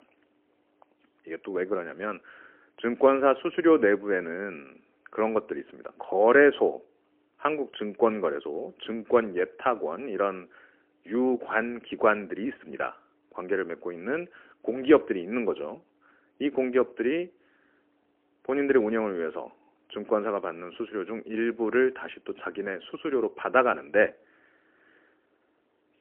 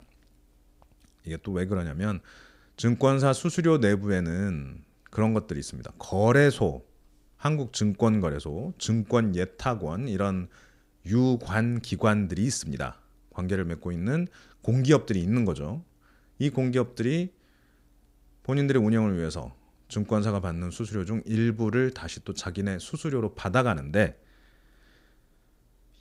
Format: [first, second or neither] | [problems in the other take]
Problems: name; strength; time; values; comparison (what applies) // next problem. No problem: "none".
second | phone-call audio; poor line; nothing above 3 kHz